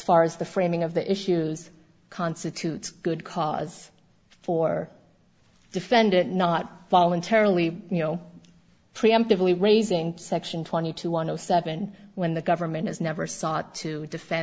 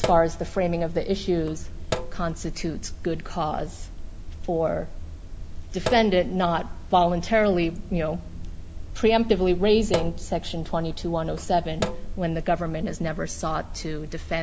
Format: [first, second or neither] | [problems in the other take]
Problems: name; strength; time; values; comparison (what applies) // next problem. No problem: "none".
first | background sound (Sink (filling or washing)); 6 dB below the speech